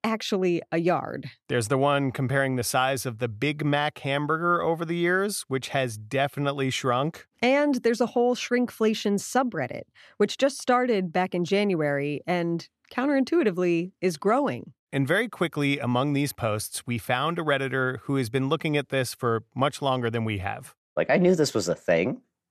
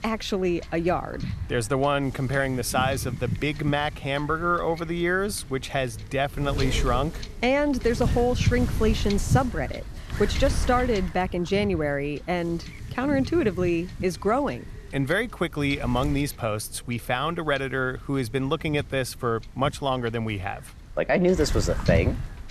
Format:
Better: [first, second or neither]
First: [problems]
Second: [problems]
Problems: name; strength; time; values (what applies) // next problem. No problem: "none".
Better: first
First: none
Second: wind noise on the microphone; occasional gusts; 15 dB below the speech